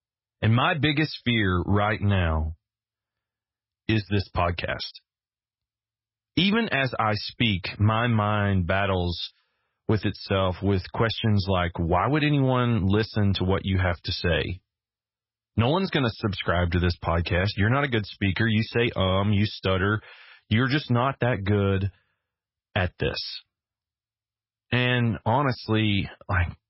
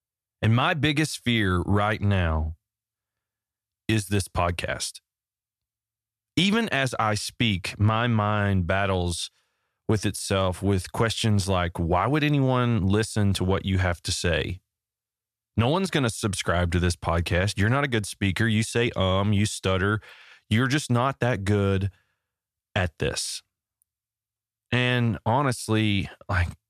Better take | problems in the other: second | garbled, watery; badly; nothing above 5.5 kHz

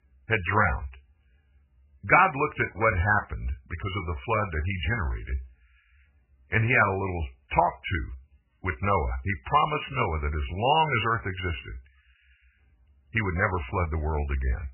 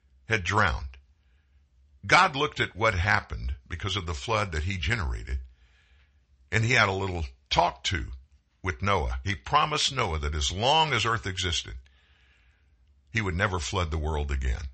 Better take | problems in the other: second | garbled, watery; badly; nothing above 3 kHz; slightly in the second

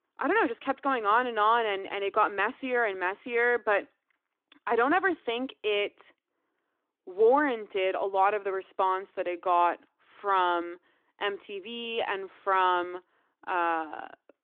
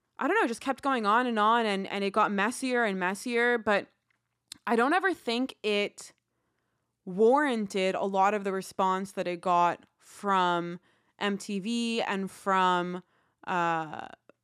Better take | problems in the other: second | phone-call audio; nothing above 3.5 kHz

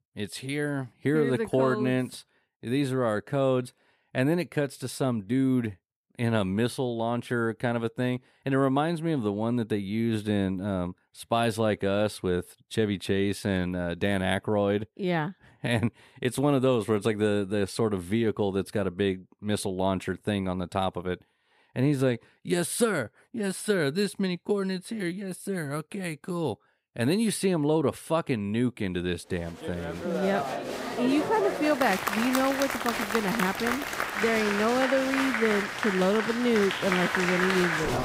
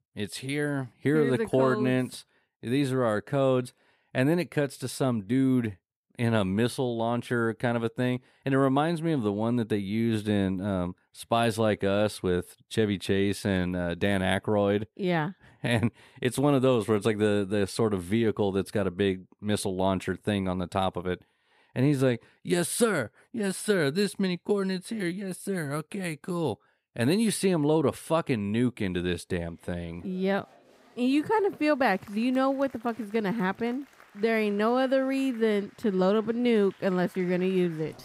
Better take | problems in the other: second | crowd noise; loud; from 30 s on; 2 dB below the speech; faint in the second

